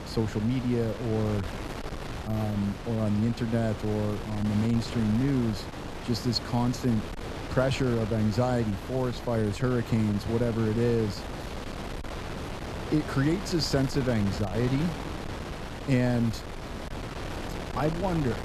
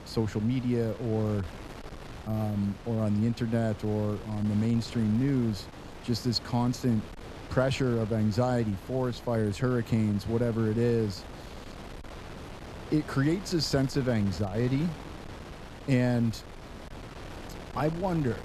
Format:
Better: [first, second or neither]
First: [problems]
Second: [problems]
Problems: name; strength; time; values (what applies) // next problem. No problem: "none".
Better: second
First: wind noise on the microphone; heavy; 7 dB below the speech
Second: wind noise on the microphone; occasional gusts; 15 dB below the speech